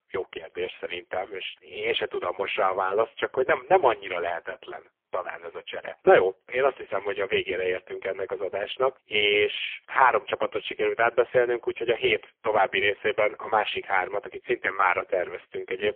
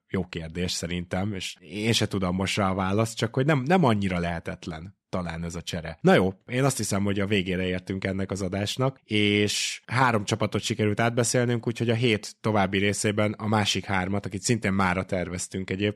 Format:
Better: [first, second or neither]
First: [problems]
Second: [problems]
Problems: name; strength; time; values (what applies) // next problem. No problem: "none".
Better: second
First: phone-call audio; poor line; nothing above 3.5 kHz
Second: none